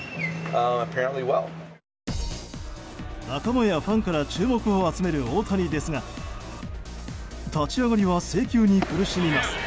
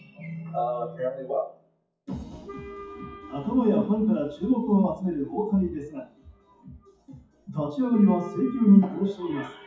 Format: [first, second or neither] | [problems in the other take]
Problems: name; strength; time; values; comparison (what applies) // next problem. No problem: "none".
first | noise reduction (classical method WPE with log-MMSE)